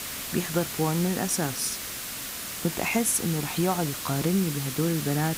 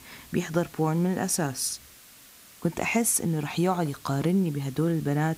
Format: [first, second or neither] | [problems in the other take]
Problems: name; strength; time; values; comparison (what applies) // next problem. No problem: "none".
second | hiss; loud; throughout; 5 dB below the speech; faint in the second